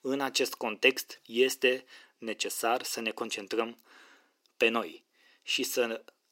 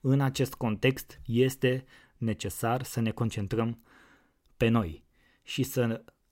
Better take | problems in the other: second | thin; somewhat; fading below 300 Hz

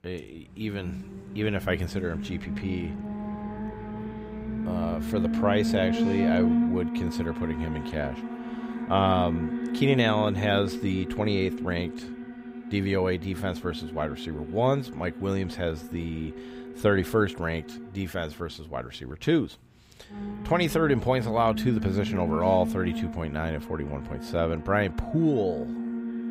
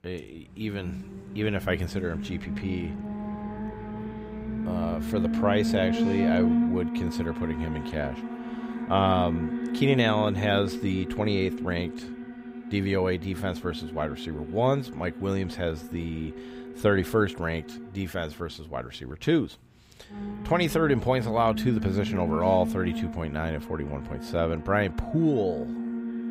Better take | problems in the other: neither | alarms or sirens; loud; throughout; 5 dB below the speech; the same in both

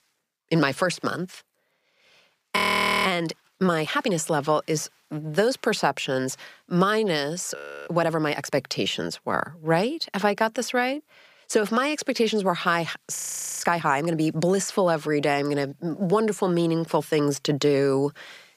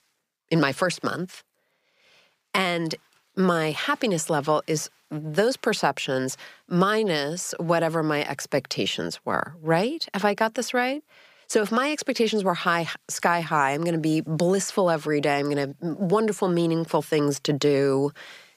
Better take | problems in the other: second | audio freezing; at 2.5 s, at 7.5 s and at 13 s

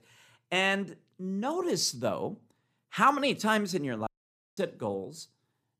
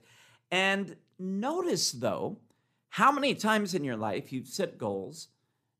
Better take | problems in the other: second | audio cutting out; at 4 s for 0.5 s

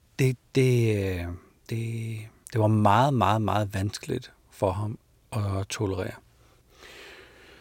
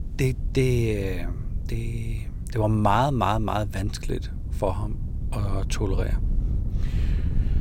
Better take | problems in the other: first | wind noise on the microphone; occasional gusts; 20 dB below the speech

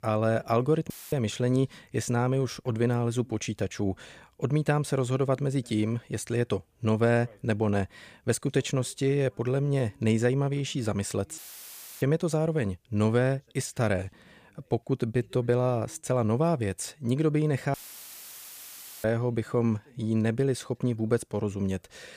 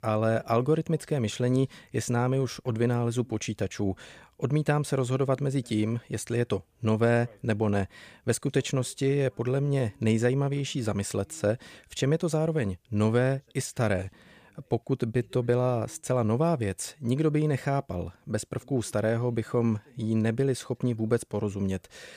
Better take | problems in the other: second | audio cutting out; filled with static; at 1 s, at 11 s for 0.5 s and at 18 s for 1.5 s

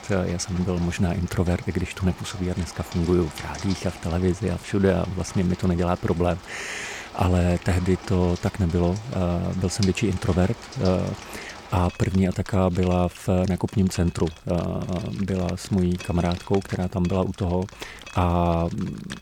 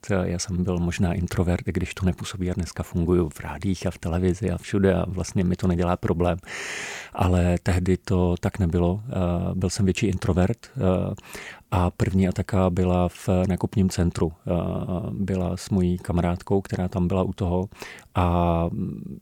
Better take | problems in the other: second | rain or running water; noticeable; throughout; 15 dB below the speech

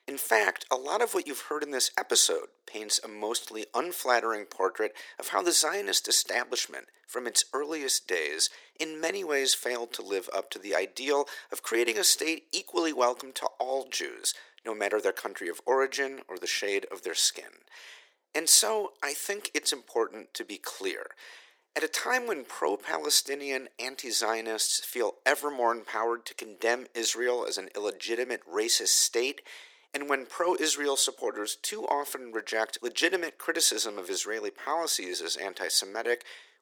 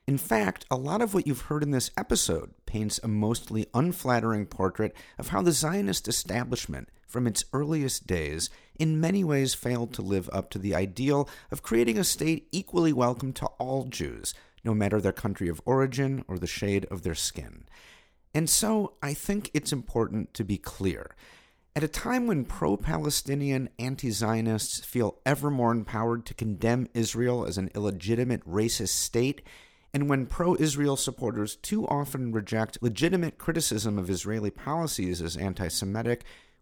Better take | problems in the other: second | thin; very; fading below 400 Hz

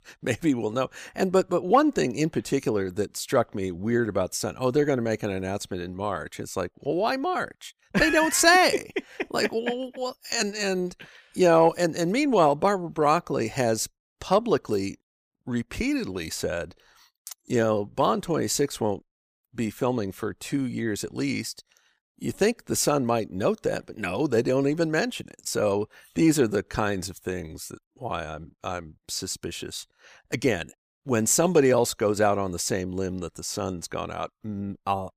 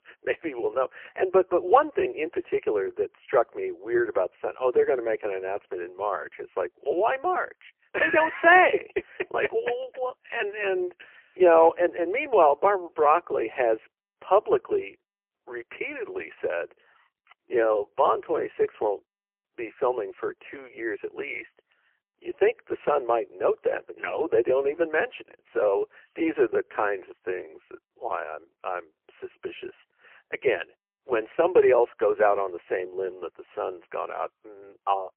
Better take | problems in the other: first | phone-call audio; poor line; nothing above 3 kHz

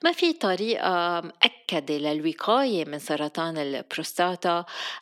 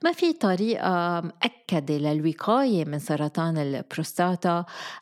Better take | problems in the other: second | thin; somewhat; fading below 350 Hz

